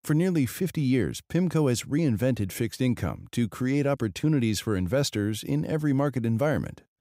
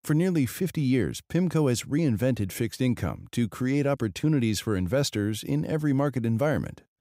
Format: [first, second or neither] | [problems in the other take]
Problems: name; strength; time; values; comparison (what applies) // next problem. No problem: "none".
neither | none